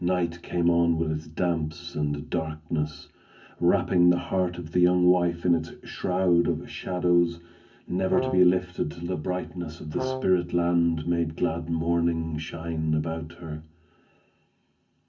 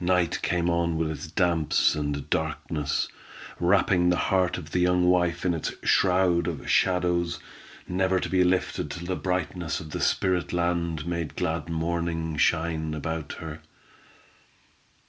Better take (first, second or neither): second